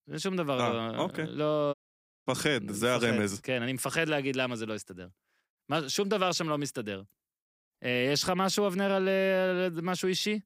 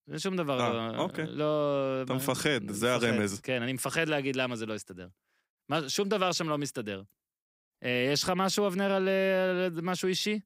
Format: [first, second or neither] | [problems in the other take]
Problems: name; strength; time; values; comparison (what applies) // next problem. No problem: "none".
second | audio cutting out; at 1.5 s for 0.5 s